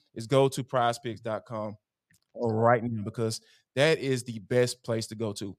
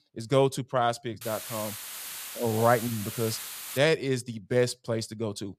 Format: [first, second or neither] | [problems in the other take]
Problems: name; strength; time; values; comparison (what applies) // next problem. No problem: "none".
first | hiss; loud; from 1 to 4 s; 9 dB below the speech